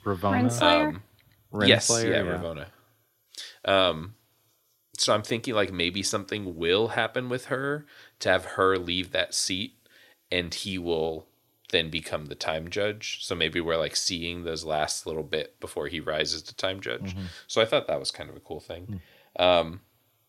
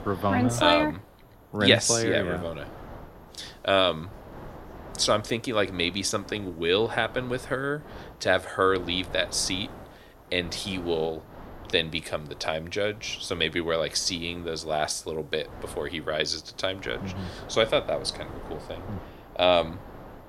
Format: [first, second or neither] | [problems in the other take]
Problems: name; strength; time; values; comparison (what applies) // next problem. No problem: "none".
first | wind noise on the microphone; occasional gusts; 20 dB below the speech